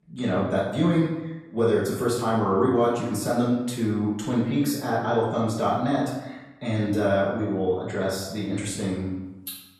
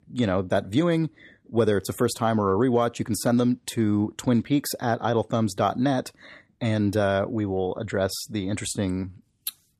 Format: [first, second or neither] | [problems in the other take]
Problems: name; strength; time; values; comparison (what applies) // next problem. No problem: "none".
second | room echo; noticeable; dies away in 0.8 s // off-mic speech; far